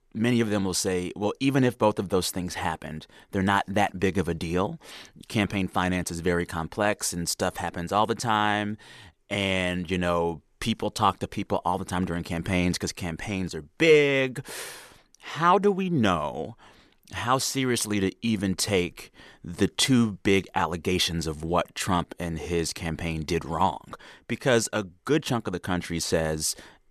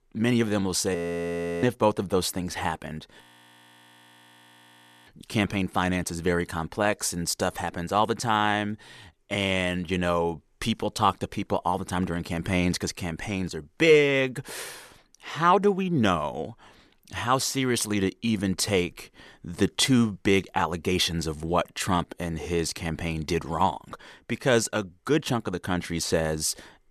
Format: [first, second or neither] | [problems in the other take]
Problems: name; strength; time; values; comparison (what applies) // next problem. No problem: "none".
first | audio freezing; at 1 s for 0.5 s and at 3 s for 2 s